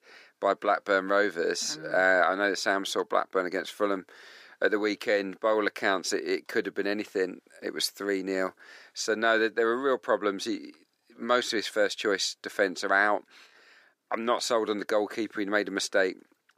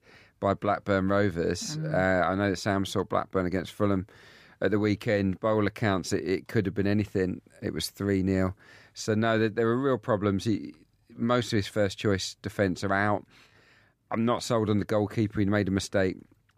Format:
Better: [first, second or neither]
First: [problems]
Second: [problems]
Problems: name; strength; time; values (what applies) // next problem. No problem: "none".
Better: second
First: thin; somewhat; fading below 350 Hz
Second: none